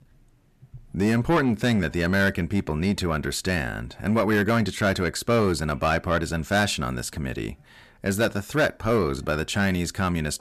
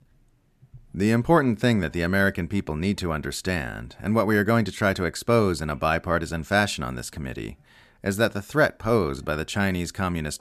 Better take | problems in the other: second | distortion; slight; 10 dB below the speech

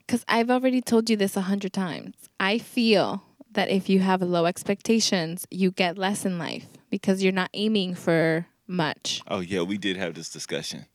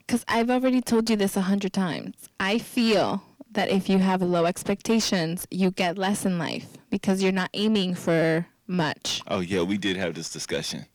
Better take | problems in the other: first | distortion; slight; 10 dB below the speech

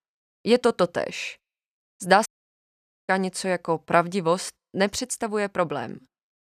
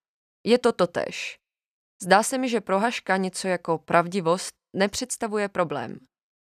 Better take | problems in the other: second | audio cutting out; at 2.5 s for 1 s

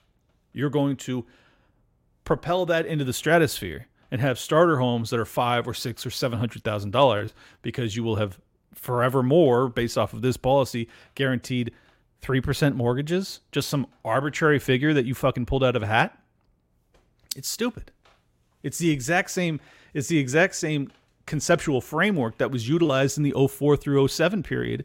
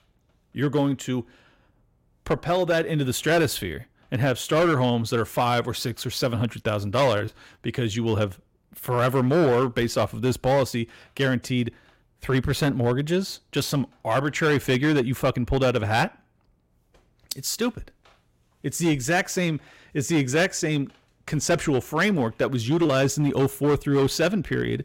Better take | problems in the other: first | distortion; slight; 7% of the sound clipped

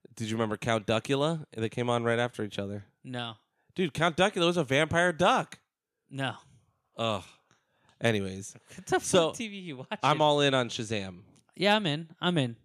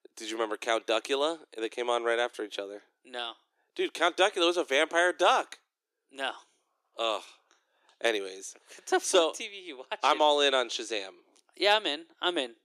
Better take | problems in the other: first | thin; very; fading below 350 Hz

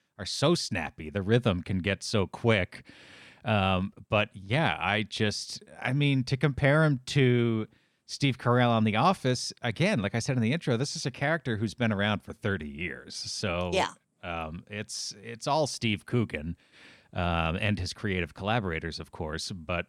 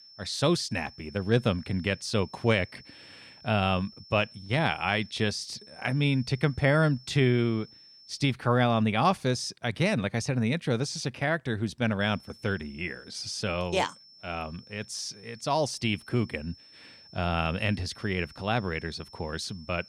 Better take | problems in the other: first | high-pitched whine; faint; until 8.5 s and from 12 s on; 5.5 kHz, 20 dB below the speech

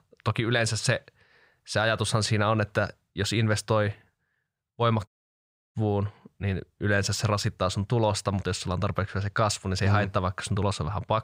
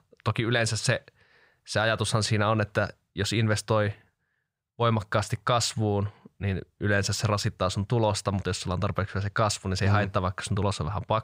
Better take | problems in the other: second | audio cutting out; at 5 s for 0.5 s

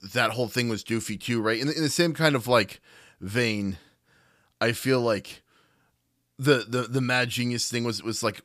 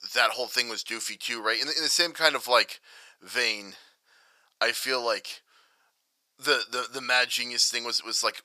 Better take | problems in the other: first | thin; very; fading below 750 Hz

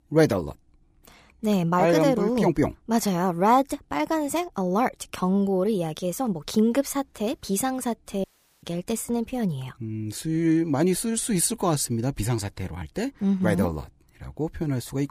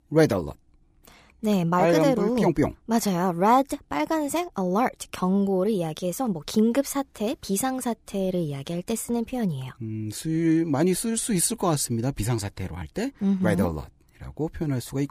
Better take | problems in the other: second | audio cutting out; at 8 s

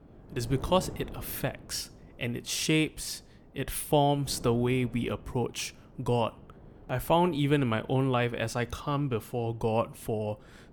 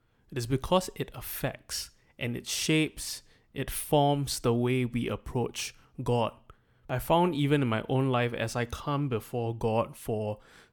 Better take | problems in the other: second | wind noise on the microphone; occasional gusts; 25 dB below the speech

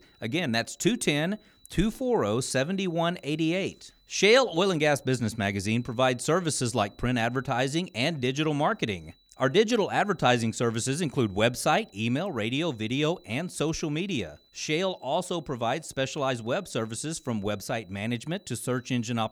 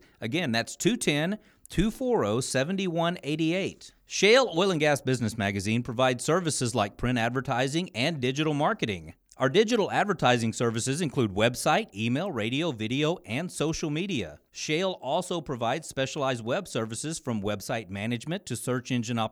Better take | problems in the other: second | high-pitched whine; faint; throughout; 4 kHz, 35 dB below the speech

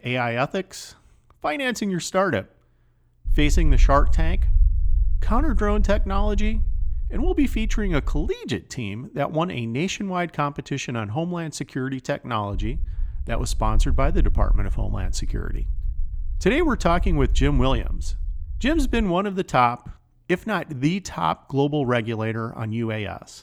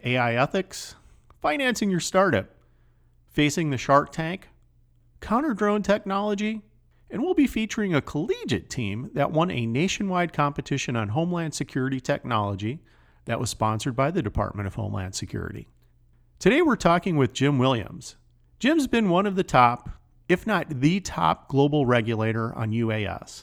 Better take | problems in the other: second | low rumble; faint; from 3.5 to 8.5 s and from 13 to 19 s; 25 dB below the speech

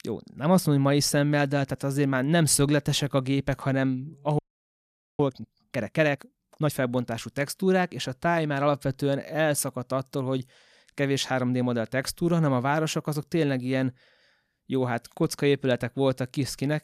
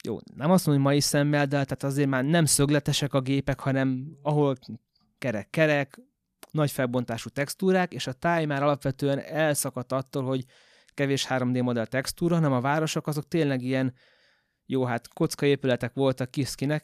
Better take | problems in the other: second | audio freezing; at 4.5 s for 1 s

